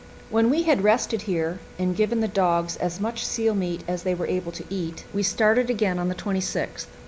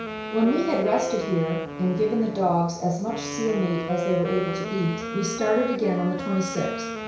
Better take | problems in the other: first | background sound (Wind instrument, woodwind instrument); 7 dB below the speech // room echo; dies away in 0.6 s

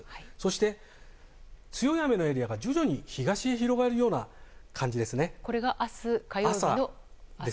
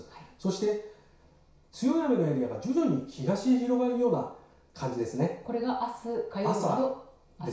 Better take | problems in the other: first | room echo; dies away in 0.6 s

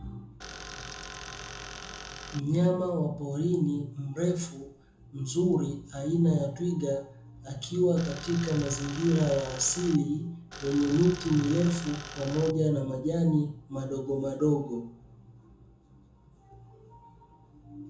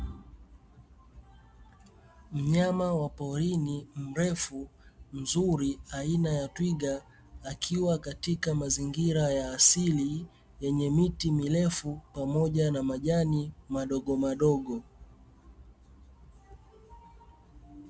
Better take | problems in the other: second | background sound (Tools); 12 dB below the speech // room echo; dies away in 0.5 s

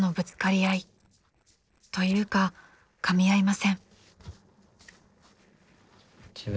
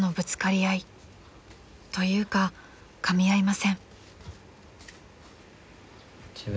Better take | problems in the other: second | noise reduction (neural separator model SepFormer DNS4)

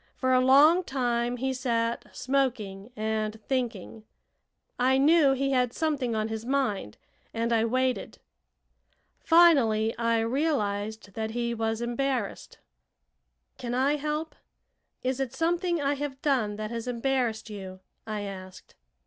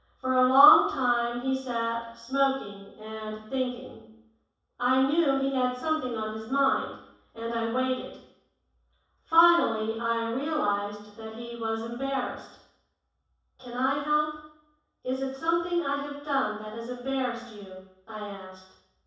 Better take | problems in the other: first | room echo; dies away in 0.7 s

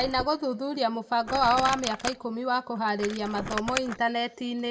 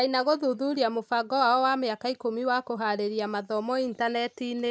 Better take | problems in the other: second | background sound (Crumpling, crinkling); 10 dB below the speech // room echo; dies away in 0.5 s

